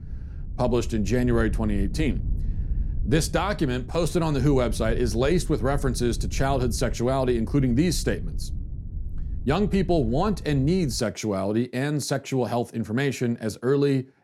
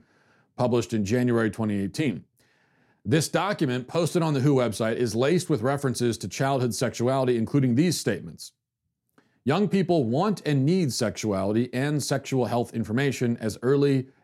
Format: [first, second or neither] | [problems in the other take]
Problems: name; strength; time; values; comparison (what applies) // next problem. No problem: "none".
second | wind noise on the microphone; occasional gusts; until 11 s; 20 dB below the speech